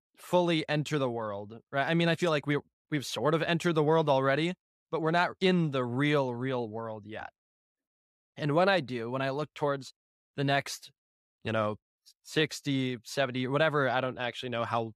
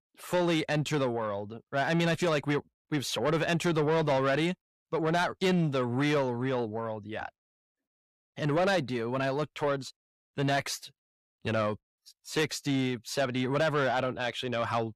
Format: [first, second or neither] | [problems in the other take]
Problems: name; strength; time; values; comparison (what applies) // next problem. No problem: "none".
first | distortion; slight; 10 dB below the speech